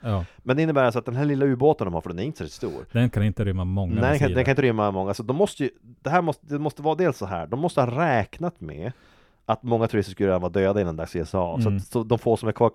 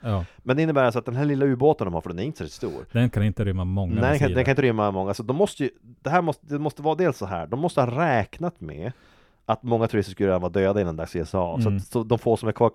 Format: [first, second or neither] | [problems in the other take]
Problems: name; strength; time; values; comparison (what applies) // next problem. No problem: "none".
neither | none